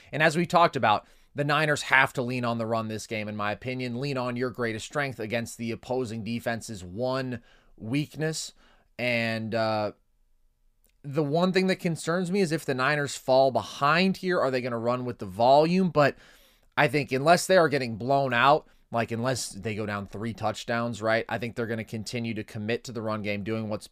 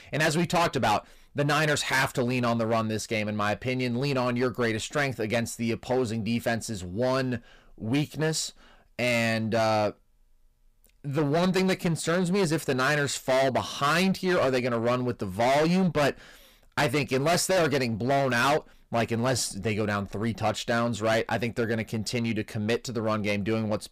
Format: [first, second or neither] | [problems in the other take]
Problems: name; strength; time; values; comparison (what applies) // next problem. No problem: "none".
first | distortion; heavy; 14% of the sound clipped